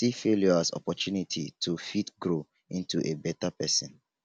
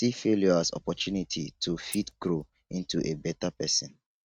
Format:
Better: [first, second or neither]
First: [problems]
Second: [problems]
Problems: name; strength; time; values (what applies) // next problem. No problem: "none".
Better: first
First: none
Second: noise reduction (neural mask model RNNoise)